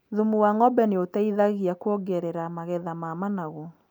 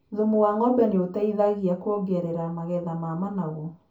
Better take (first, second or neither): first